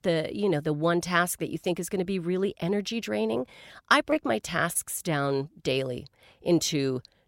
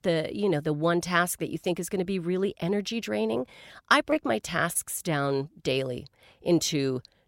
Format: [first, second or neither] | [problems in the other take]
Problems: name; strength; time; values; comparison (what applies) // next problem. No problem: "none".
neither | none